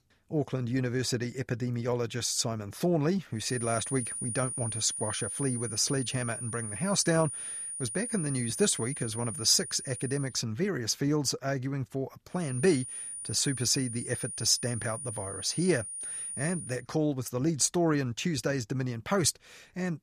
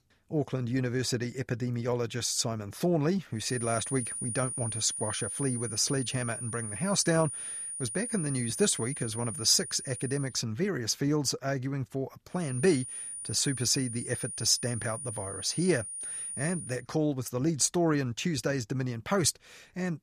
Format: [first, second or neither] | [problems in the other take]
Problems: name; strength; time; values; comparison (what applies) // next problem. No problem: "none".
neither | high-pitched whine; loud; from 3.5 to 10 s and from 12 to 17 s; 9.5 kHz, 6 dB below the speech; the same in both